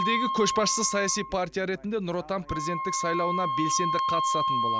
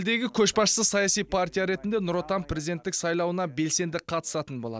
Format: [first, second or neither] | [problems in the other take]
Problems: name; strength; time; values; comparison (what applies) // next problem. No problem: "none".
second | background sound (Wind instrument, woodwind instrument); as loud as the speech